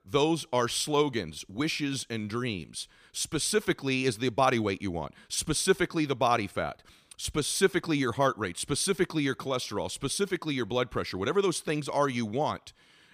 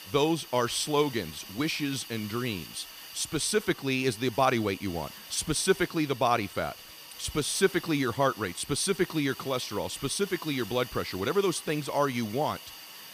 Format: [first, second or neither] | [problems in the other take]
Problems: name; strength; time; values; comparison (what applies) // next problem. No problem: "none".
first | hiss; noticeable; throughout; 15 dB below the speech